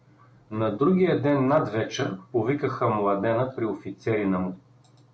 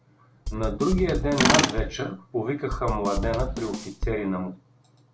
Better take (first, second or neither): first